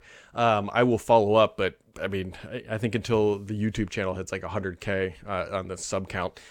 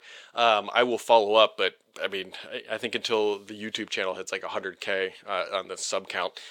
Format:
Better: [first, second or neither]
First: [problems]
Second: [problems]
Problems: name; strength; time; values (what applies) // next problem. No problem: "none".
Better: first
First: none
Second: thin; somewhat; fading below 450 Hz